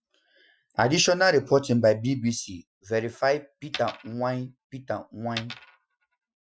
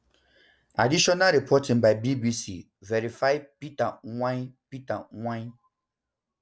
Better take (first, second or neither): second